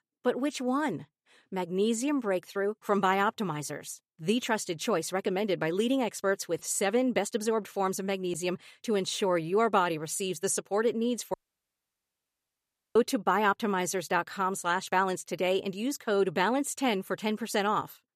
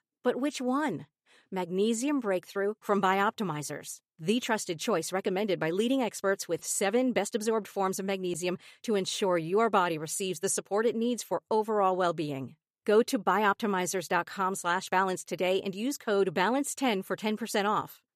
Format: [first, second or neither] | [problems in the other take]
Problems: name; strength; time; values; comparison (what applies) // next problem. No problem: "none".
second | audio cutting out; at 11 s for 1.5 s